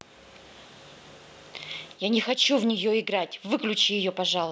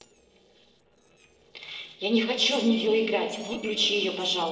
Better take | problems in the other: first | noise reduction (neural separator model SepFormer DNS4)

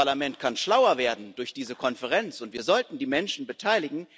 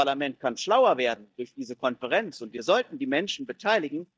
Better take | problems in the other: first | noise reduction (neural mask model DeepFilterNet 3)

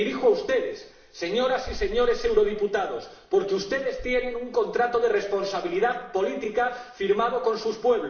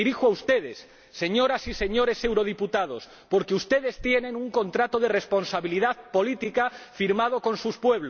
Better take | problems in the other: second | room echo; dies away in 0.7 s

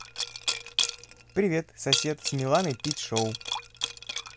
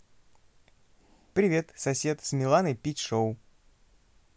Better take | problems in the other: second | background sound (Liquid); 3 dB below the speech

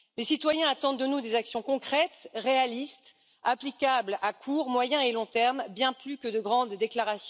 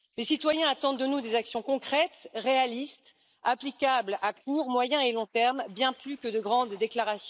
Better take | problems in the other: first | noise reduction (neural mask model Resemble Enhance denoiser)

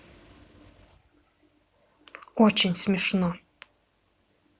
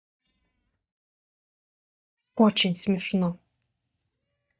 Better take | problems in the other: first | noise reduction (neural mask model DeepFilterNet 3)

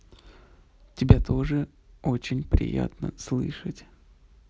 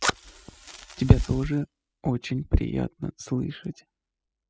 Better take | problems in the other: first | noise reduction (classical method spectral subtraction)

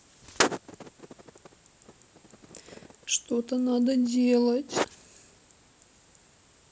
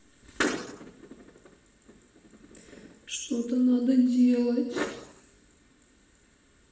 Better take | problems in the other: first | room echo; dies away in 0.8 s

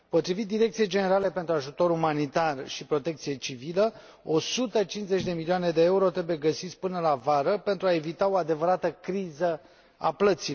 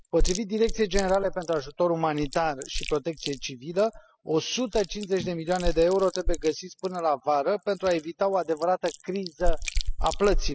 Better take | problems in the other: first | noise reduction (classical method spectral subtraction)

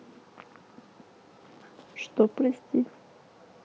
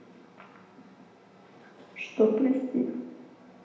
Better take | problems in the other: first | room echo; dies away in 0.9 s

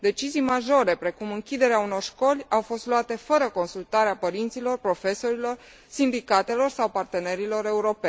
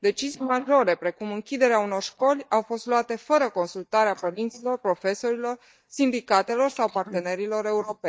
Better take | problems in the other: first | noise reduction (neural mask model DeepFilterNet 3)

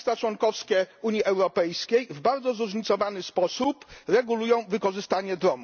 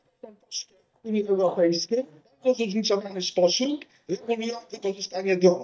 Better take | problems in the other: first | noise reduction (neural mask model DeepFilterNet 3)

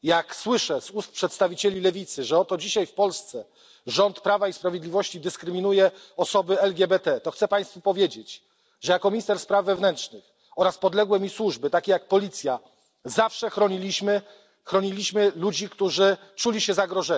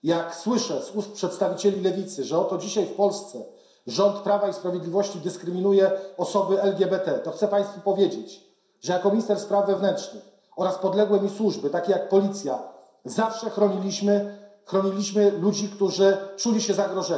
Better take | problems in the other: first | room echo; dies away in 0.7 s

